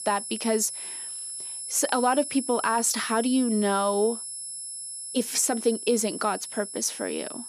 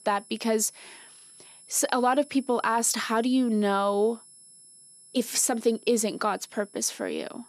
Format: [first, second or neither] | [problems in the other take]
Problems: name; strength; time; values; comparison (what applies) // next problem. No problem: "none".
second | high-pitched whine; loud; throughout; 10.5 kHz, 8 dB below the speech; faint in the second